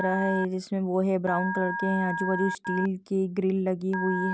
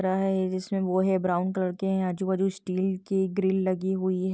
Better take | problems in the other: second | background sound (Telephone); 7 dB below the speech

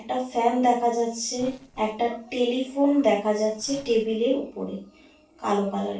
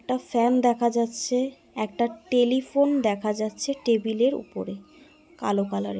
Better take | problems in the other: second | noise reduction (neural separator model SepFormer DNS4)

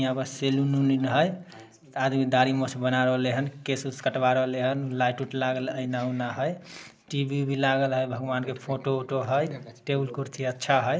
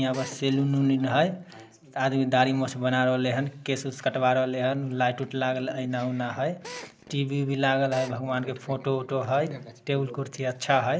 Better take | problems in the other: first | background sound (Drill); 17 dB below the speech

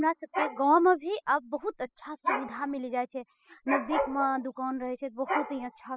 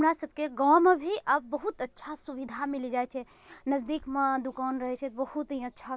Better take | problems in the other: second | noise reduction (classical method spectral subtraction)

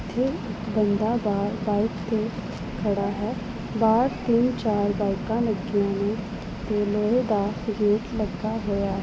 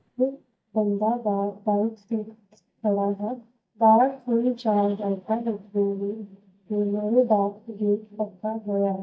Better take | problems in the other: first | noise reduction (neural mask model DeepFilterNet 3)

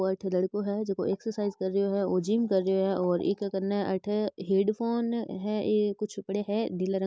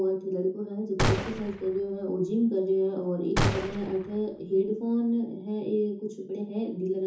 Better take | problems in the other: first | background sound (Gunshot, gunfire); 3 dB below the speech // room echo; dies away in 0.6 s

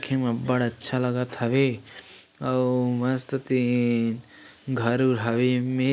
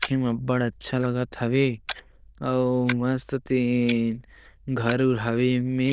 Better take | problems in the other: first | noise reduction (neural diffusion model UNIVERSE++)

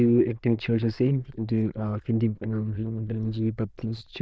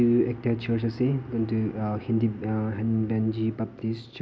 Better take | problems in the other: second | noise reduction (neural diffusion model UNIVERSE++)

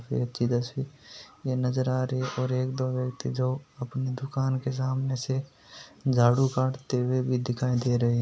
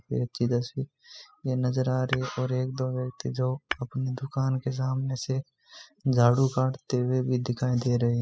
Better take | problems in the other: first | noise reduction (classical method spectral subtraction)

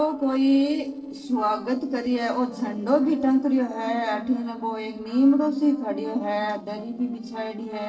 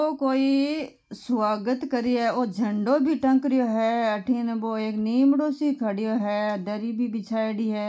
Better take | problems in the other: second | noise reduction (neural separator model SepFormer DNS4)

